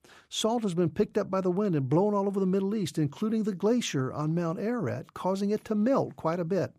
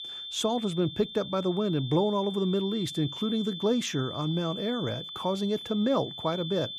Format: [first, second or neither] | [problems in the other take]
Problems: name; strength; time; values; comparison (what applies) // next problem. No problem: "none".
first | high-pitched whine; loud; throughout; 3.5 kHz, 8 dB below the speech